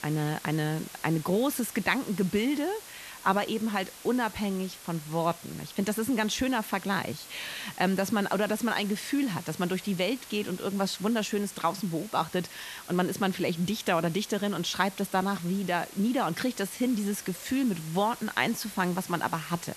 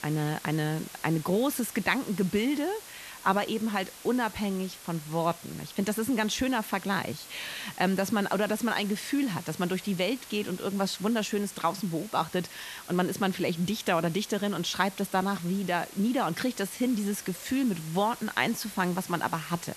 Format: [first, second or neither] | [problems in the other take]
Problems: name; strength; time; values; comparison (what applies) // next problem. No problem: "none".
neither | hiss; noticeable; throughout; 15 dB below the speech; the same in both